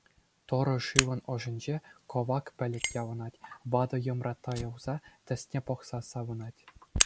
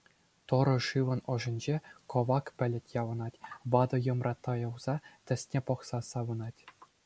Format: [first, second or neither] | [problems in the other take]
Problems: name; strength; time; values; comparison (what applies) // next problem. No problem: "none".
second | background sound (Fire); 4 dB below the speech